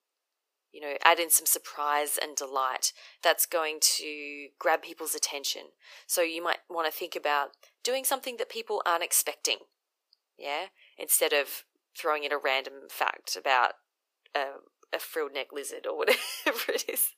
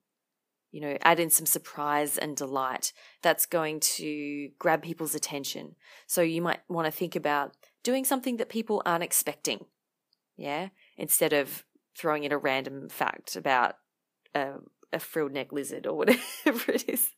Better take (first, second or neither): second